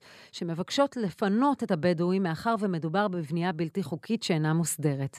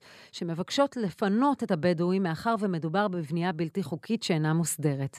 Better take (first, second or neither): neither